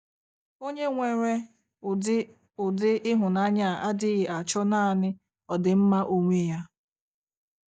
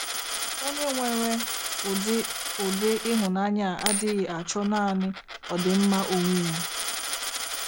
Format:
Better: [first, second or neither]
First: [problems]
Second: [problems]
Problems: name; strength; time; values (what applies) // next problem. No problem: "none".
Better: first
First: none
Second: background sound (Coin (dropping)); 5 dB below the speech